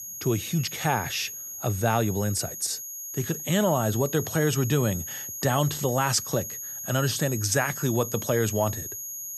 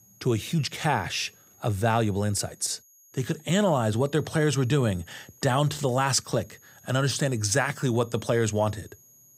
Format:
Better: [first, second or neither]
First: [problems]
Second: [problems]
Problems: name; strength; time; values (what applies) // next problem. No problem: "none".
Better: second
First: high-pitched whine; loud; throughout; 6.5 kHz, 7 dB below the speech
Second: high-pitched whine; faint; throughout; 6.5 kHz, 25 dB below the speech